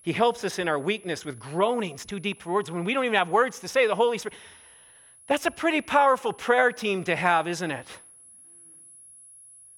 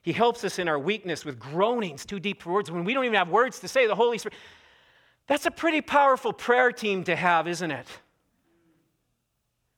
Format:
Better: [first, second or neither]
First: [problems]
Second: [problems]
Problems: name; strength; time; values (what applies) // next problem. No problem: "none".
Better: second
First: high-pitched whine; faint; throughout; 10.5 kHz, 25 dB below the speech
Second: none